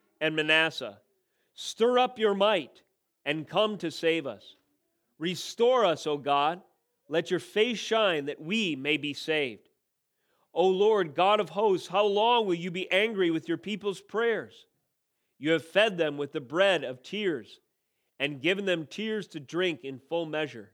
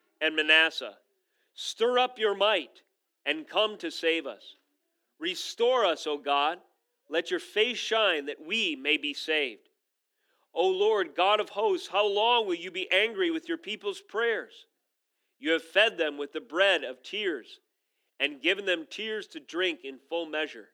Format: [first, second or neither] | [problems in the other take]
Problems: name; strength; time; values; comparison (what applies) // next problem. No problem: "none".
first | thin; somewhat; fading below 250 Hz